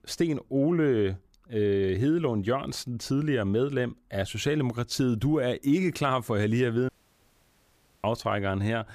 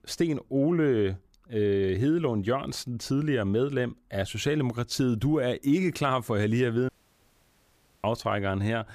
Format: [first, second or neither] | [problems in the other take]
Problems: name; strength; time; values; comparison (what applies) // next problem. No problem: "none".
neither | audio cutting out; at 7 s for 1 s; the same in both